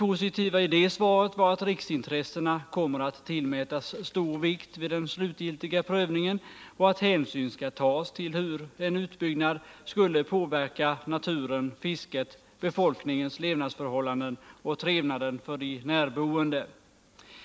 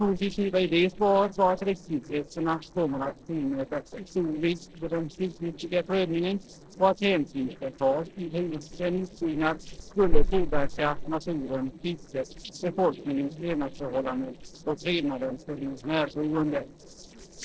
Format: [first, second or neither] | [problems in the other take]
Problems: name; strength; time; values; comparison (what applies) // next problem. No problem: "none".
first | noise reduction (neural separator model SepFormer DNS4)